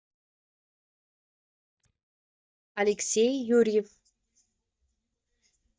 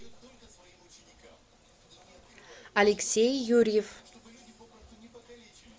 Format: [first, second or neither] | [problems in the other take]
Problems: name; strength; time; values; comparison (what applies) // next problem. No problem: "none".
second | noise reduction (neural mask model DeepFilterNet 3)